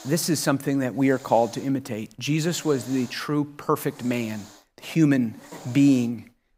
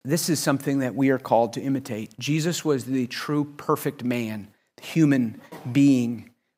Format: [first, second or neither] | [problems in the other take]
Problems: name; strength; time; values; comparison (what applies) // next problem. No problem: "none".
second | hiss; faint; throughout; 20 dB below the speech